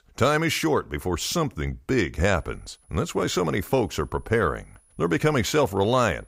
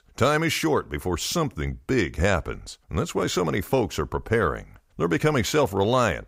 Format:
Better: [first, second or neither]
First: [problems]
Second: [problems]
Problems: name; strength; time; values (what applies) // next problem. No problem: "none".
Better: second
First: high-pitched whine; faint; from 2.5 s on; 10.5 kHz, 35 dB below the speech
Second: none